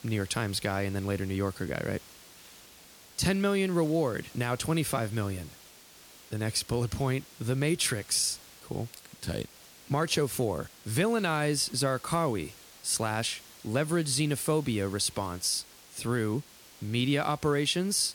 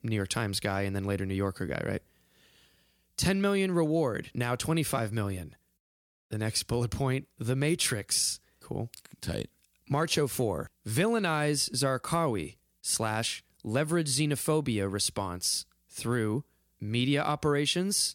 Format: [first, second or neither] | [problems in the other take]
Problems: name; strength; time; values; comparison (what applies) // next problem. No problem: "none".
second | hiss; faint; throughout; 20 dB below the speech